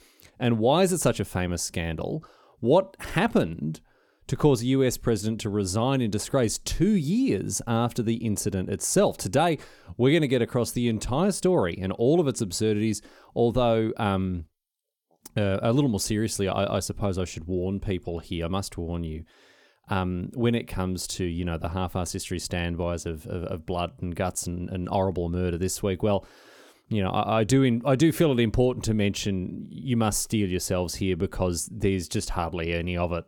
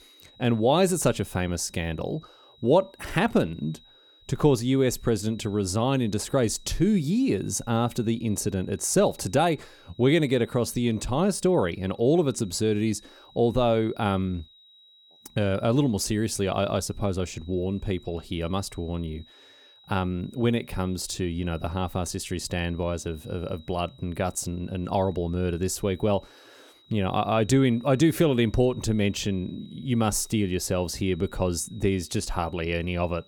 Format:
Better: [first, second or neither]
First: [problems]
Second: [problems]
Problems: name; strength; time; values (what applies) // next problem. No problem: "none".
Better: first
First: none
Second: high-pitched whine; faint; throughout; 4 kHz, 25 dB below the speech